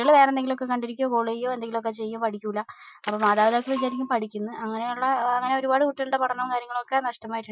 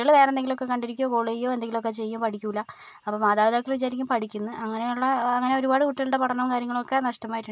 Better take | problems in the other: second | noise reduction (classical method Wiener filter)

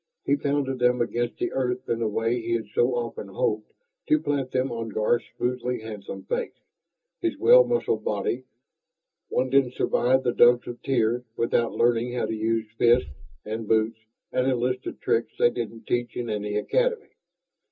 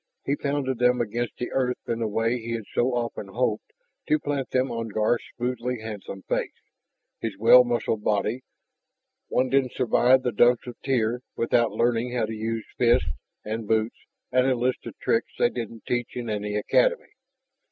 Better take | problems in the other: second | room echo; dies away in 0.2 s

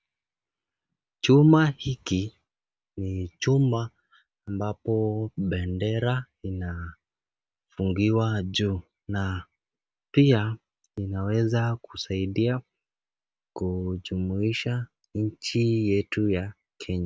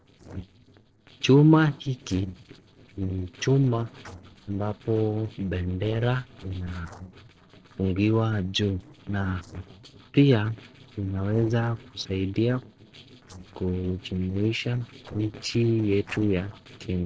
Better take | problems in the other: first | noise reduction (neural separator model SepFormer DNS4)

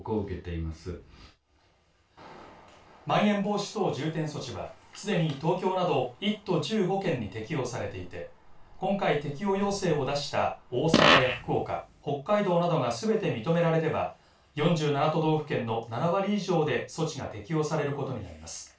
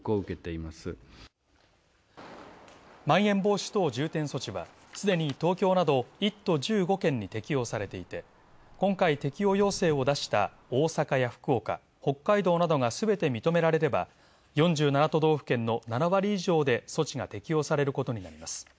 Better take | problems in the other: second | background sound (Fart); 4 dB above the speech // room echo; dies away in 0.2 s

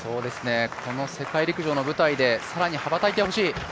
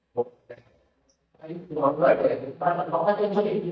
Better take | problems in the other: first | noise reduction (neural mask model DeepFilterNet 3)

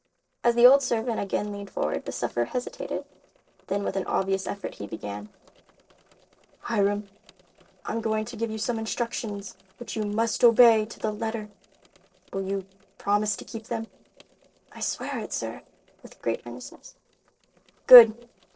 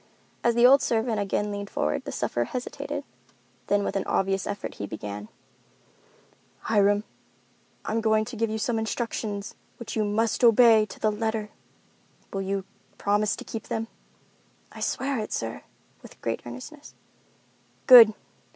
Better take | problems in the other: second | noise reduction (neural separator model SepFormer DNS4)

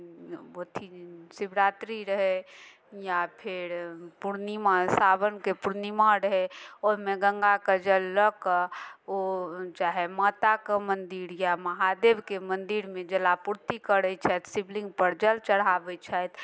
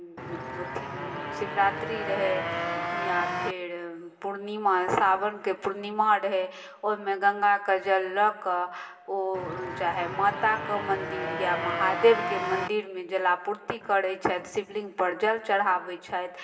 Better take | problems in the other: first | background sound (Motorcycle); 4 dB below the speech // room echo; dies away in 0.9 s

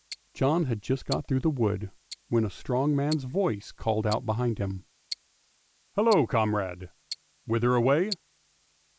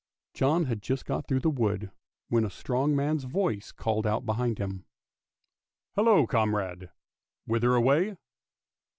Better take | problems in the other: second | background sound (Tick-tock); 18 dB below the speech

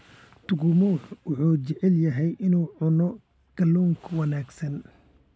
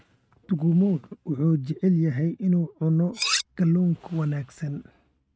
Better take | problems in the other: first | noise reduction (neural mask model RNNoise)

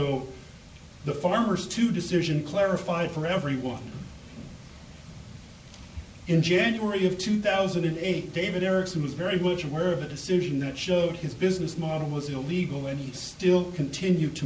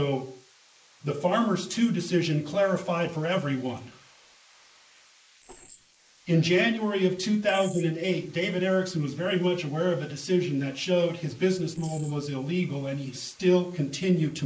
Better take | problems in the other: first | noise reduction (neural mask model Resemble Enhance denoiser)

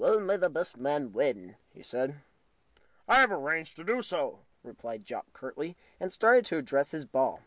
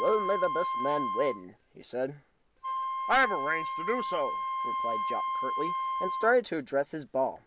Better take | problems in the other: first | background sound (Wind instrument, woodwind instrument); 2 dB below the speech

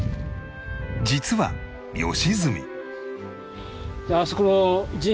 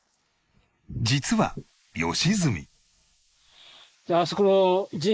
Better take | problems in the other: first | noise reduction (neural mask model Resemble Enhance denoiser)

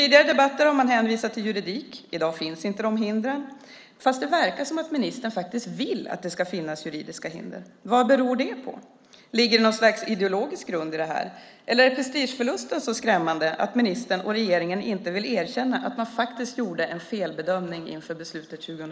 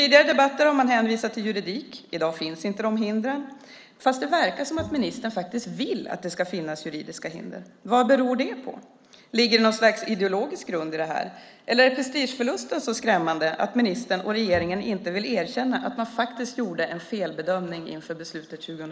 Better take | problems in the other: first | background sound (Bowed string instrument); 19 dB below the speech

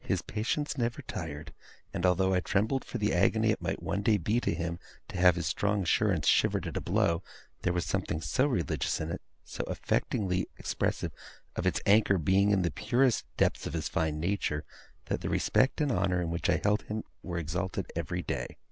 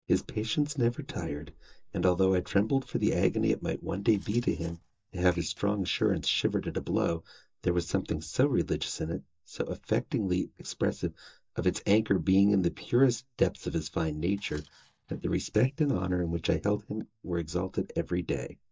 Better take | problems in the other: first | noise reduction (neural mask model DeepFilterNet 3)

